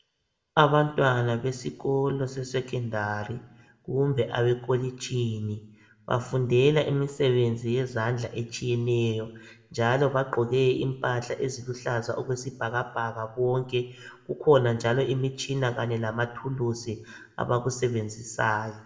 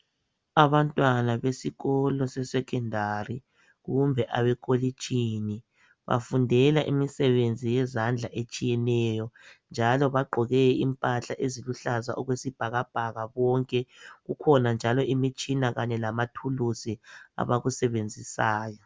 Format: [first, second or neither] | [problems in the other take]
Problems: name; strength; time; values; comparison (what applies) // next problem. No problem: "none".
second | room echo; dies away in 0.7 s